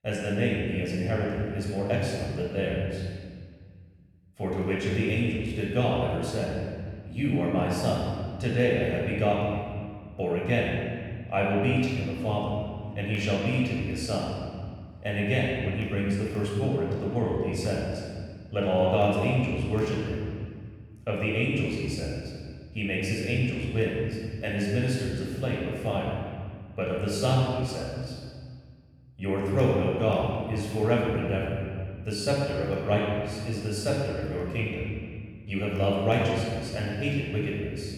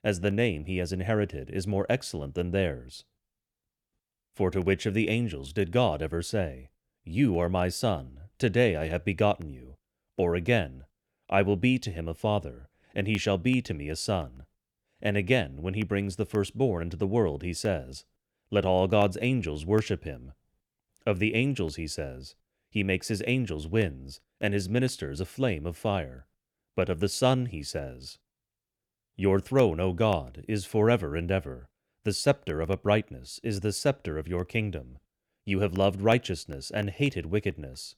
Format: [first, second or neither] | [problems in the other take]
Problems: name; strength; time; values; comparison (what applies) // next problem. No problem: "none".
second | off-mic speech; far // room echo; strong; dies away in 1.8 s